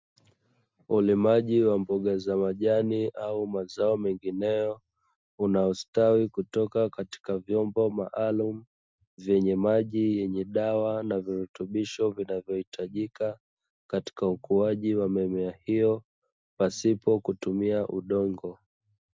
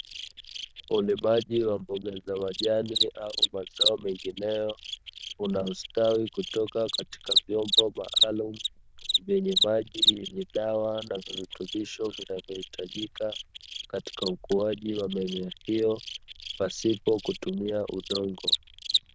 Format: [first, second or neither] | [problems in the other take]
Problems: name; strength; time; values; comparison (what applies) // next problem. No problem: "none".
first | noise reduction (neural diffusion model UNIVERSE++)